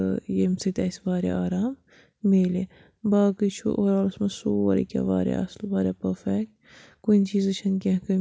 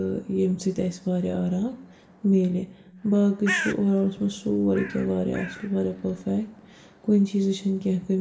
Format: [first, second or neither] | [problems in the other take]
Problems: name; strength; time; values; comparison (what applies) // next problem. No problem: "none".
first | background sound (Bird); 15 dB below the speech // room echo; dies away in 0.7 s